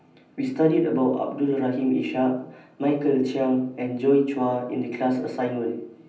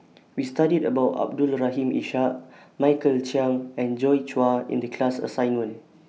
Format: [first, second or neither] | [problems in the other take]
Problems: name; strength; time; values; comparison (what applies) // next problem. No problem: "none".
second | room echo; dies away in 0.6 s